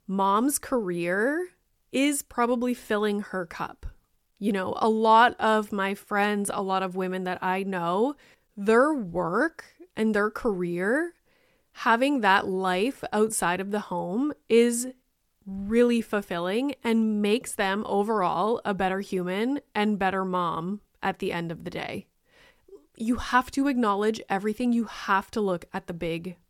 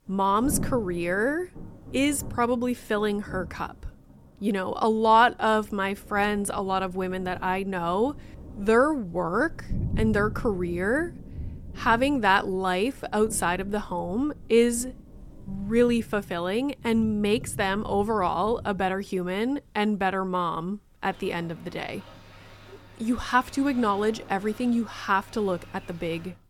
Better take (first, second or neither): first